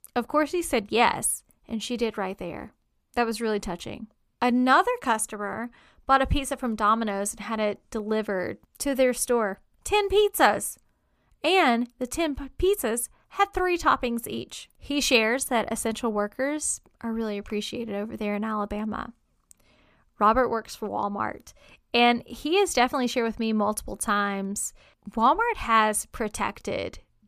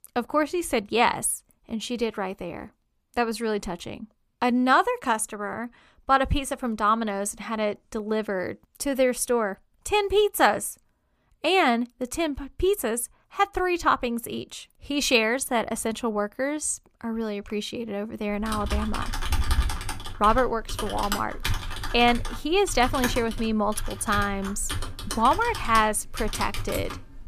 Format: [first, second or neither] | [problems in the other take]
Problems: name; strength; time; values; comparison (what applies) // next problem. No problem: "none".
first | keyboard typing; noticeable; from 18 s on; peak 1 dB below the speech